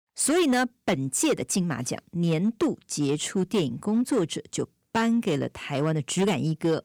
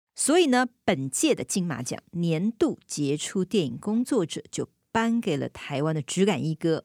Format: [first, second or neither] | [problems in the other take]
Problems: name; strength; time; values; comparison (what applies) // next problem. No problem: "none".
second | distortion; slight; 7% of the sound clipped